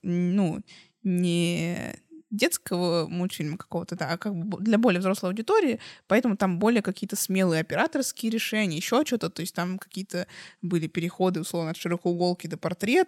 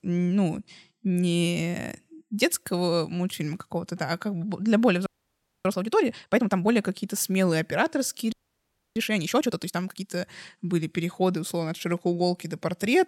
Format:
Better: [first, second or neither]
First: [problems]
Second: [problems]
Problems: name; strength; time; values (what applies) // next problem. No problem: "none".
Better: first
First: none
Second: audio freezing; at 5 s for 0.5 s and at 8.5 s for 0.5 s